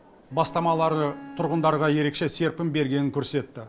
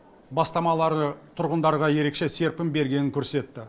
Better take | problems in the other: second | background sound (Bowed string instrument); 17 dB below the speech

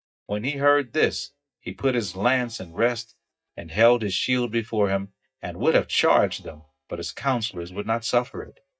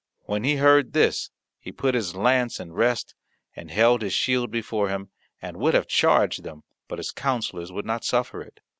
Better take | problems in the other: second | noise reduction (neural mask model DeepFilterNet 3)

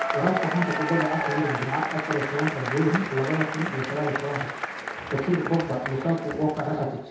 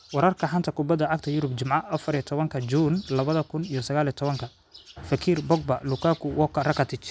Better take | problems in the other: second | background sound (Applause / Crowd / Cheering); 4 dB below the speech // room echo; dies away in 0.8 s

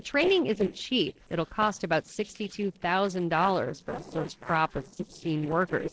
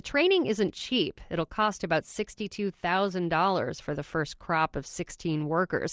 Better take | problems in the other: second | noise reduction (neural separator model SepFormer DNS4)

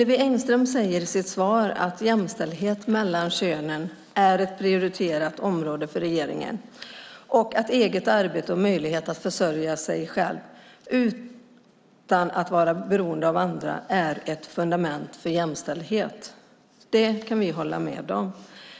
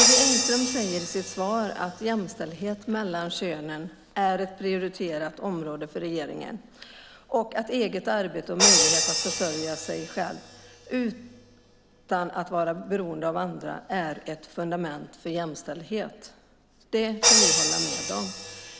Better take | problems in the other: first | background sound (Crash cymbal); 1 dB above the speech

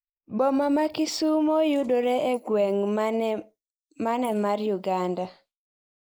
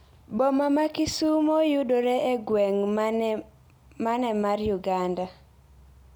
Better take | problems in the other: second | noise reduction (neural mask model Resemble Enhance denoiser)

